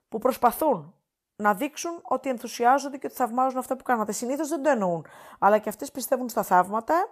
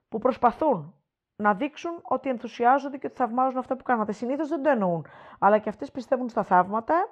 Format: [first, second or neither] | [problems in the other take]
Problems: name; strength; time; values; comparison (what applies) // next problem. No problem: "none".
first | muffled; very; fading above 3.5 kHz